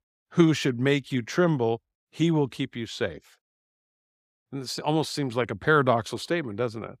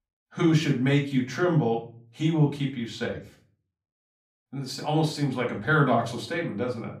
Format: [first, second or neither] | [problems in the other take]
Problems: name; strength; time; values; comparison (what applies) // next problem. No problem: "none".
first | off-mic speech; far // room echo; slight; dies away in 0.3 s